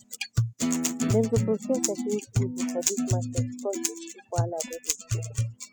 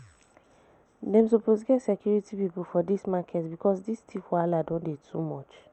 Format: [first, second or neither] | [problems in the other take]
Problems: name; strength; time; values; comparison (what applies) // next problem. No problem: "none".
second | noise reduction (classical method spectral subtraction)